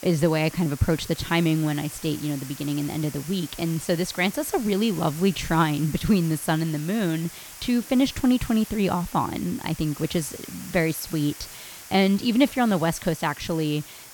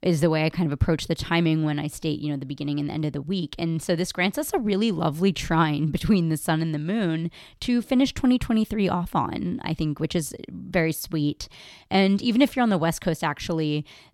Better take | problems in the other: second | hiss; noticeable; throughout; 15 dB below the speech

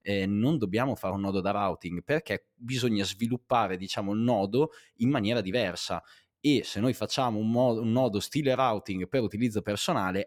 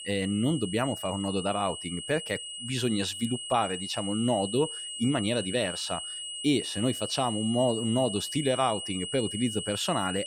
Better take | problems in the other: first | high-pitched whine; loud; throughout; 3 kHz, 6 dB below the speech

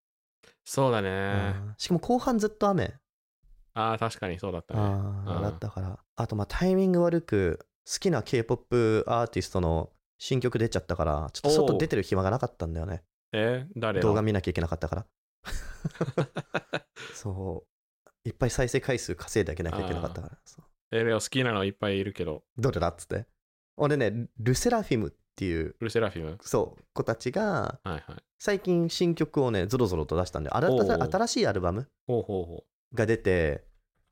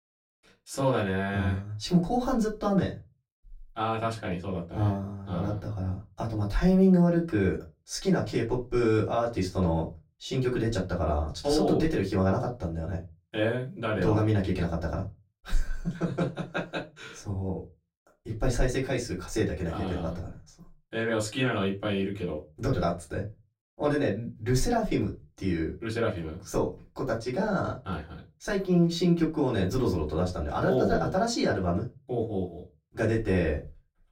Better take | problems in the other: first | off-mic speech; far // room echo; very slight; dies away in 0.2 s

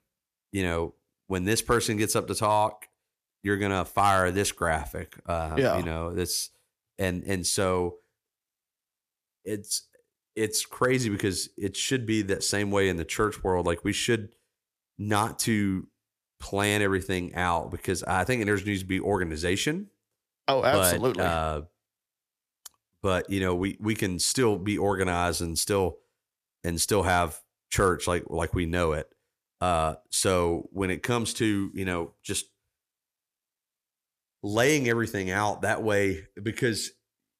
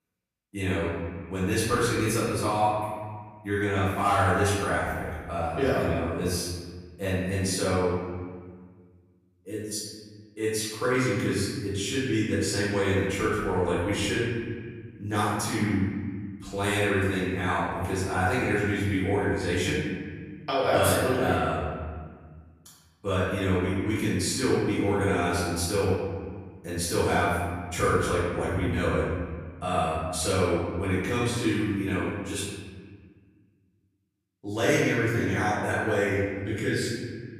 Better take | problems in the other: first | off-mic speech; far // room echo; strong; dies away in 1.7 s

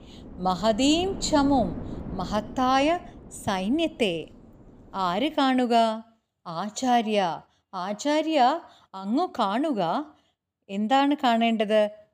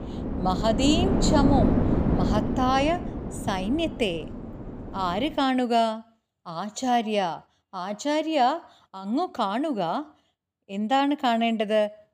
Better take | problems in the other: first | wind noise on the microphone; heavy; until 5.5 s; 6 dB below the speech; occasional gusts in the first

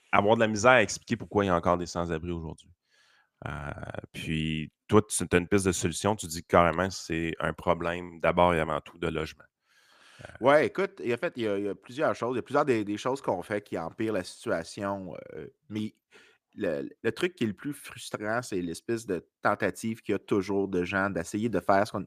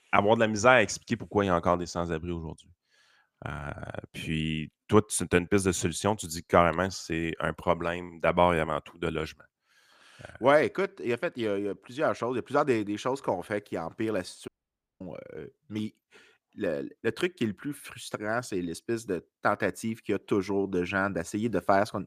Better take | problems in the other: first | audio cutting out; at 14 s for 0.5 s

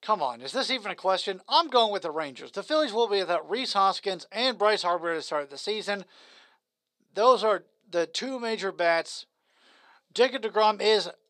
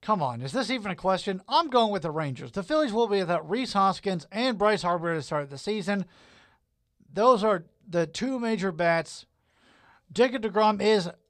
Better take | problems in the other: second | thin; somewhat; fading below 300 Hz

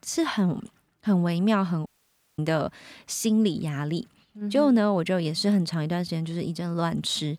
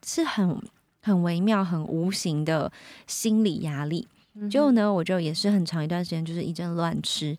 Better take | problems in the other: second | audio cutting out; at 2 s for 0.5 s

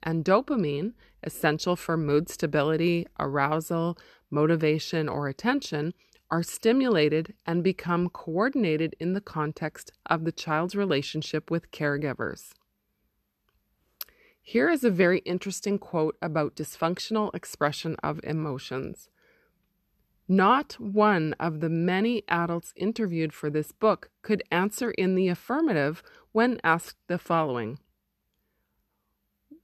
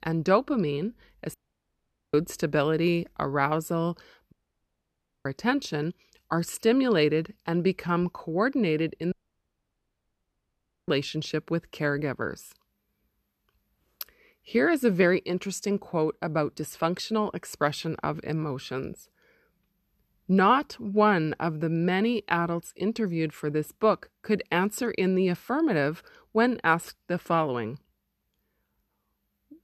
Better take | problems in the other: first | audio cutting out; at 1.5 s for 1 s, at 4.5 s for 1 s and at 9 s for 2 s

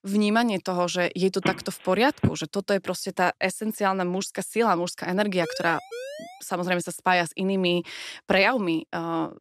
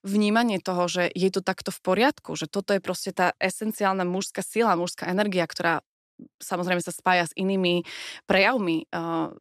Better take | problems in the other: second | phone ringing; noticeable; at 1.5 s; peak 3 dB below the speech // siren; faint; at 5.5 s; peak 10 dB below the speech

